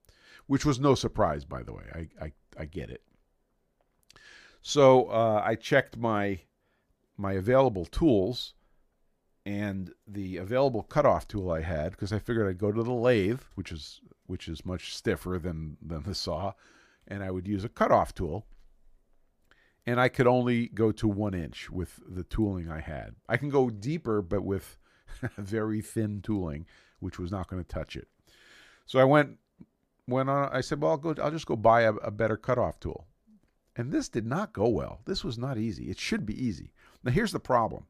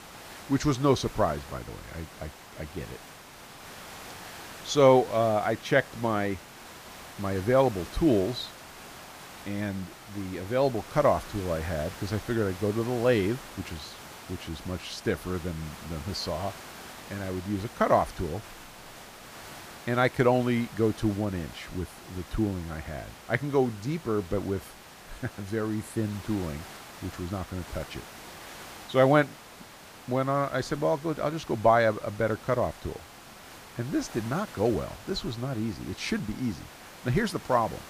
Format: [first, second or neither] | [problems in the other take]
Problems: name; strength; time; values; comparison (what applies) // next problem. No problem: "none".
first | hiss; noticeable; throughout; 15 dB below the speech